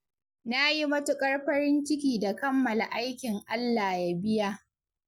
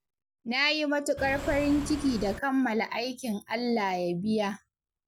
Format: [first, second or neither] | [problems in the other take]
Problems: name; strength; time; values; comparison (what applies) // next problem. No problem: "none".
first | background sound (Engine / Car); 8 dB below the speech